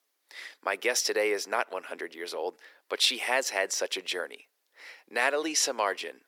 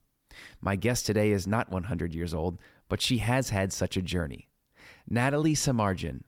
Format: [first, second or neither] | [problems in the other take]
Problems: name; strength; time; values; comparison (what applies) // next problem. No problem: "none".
second | thin; very; fading below 400 Hz